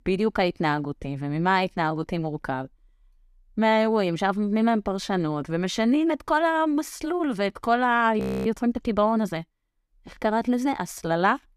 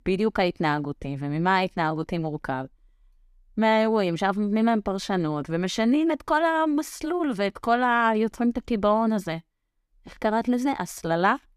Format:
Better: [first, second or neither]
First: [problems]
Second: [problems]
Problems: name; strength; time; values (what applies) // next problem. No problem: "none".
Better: second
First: audio freezing; at 8 s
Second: none